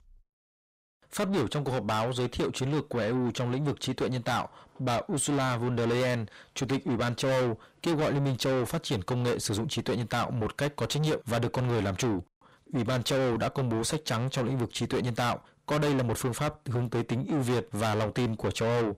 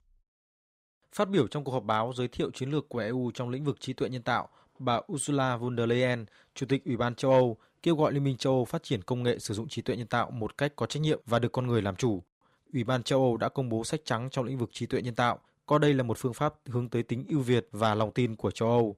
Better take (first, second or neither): second